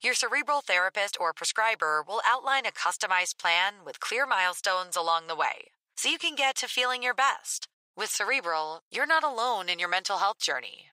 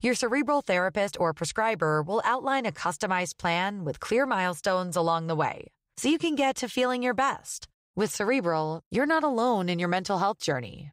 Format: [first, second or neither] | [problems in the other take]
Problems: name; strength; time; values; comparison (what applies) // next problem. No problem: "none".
second | thin; very; fading below 950 Hz